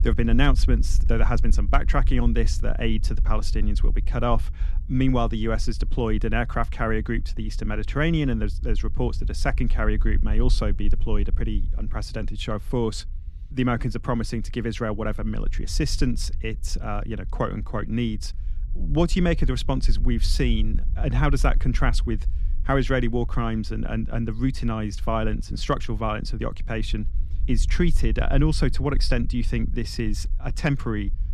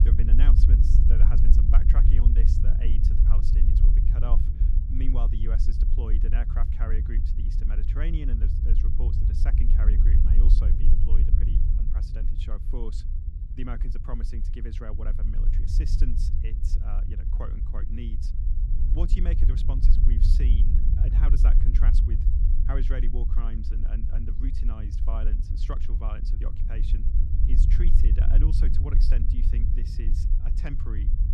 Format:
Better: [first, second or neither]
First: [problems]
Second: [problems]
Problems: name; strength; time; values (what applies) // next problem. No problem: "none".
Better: first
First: low rumble; faint; throughout; 20 dB below the speech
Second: low rumble; loud; throughout; 1 dB below the speech